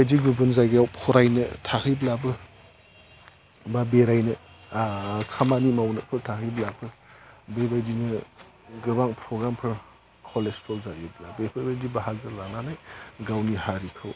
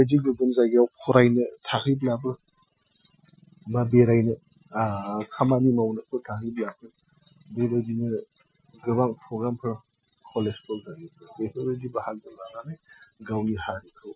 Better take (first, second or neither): first